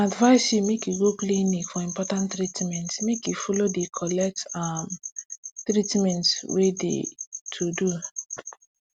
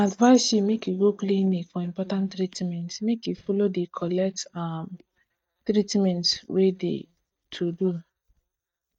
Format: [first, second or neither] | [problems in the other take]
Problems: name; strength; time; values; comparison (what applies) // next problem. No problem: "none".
first | noise reduction (neural mask model DeepFilterNet 3)